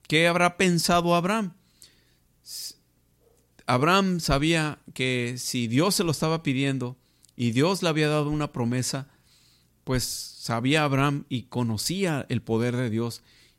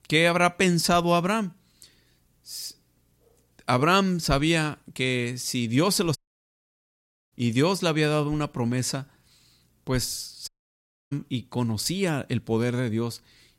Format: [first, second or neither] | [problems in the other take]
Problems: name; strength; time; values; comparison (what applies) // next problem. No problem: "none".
first | audio cutting out; at 6 s for 1 s and at 10 s for 0.5 s